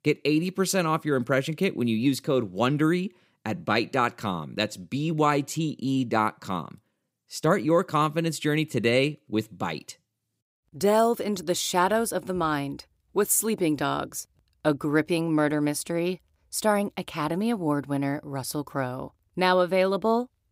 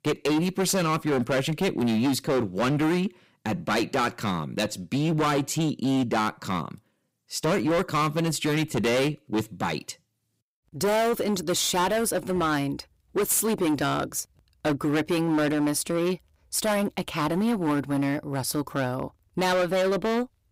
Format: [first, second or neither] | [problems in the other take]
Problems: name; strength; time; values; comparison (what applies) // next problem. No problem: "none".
first | distortion; heavy; 17% of the sound clipped